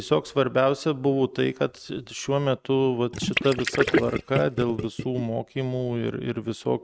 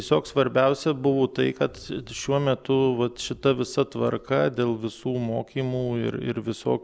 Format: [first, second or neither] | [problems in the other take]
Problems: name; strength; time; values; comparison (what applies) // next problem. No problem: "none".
second | noise reduction (neural mask model RNNoise)